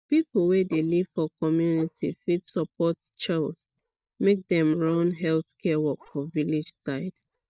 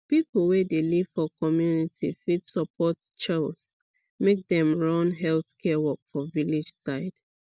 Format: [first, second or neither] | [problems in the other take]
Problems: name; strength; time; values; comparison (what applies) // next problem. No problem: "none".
second | noise reduction (neural mask model DeepFilterNet 3)